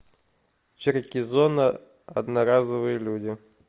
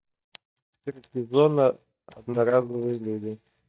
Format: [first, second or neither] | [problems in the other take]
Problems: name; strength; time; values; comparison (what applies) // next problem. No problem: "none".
first | noise reduction (neural mask model DeepFilterNet 3)